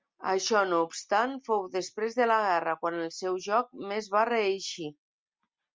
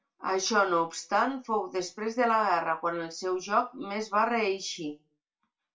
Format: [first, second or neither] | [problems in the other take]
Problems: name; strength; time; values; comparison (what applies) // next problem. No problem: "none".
first | room echo; dies away in 0.2 s